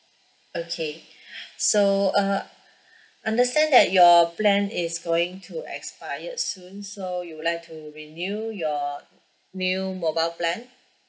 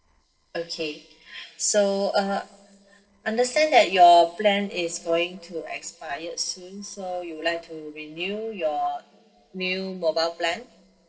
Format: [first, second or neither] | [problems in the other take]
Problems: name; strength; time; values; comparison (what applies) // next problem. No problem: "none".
first | noise reduction (neural separator model SepFormer DNS4)